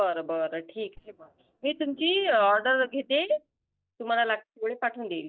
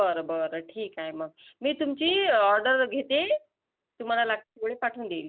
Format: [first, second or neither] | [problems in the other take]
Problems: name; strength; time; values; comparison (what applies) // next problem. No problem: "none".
second | noise reduction (neural mask model DeepFilterNet 3)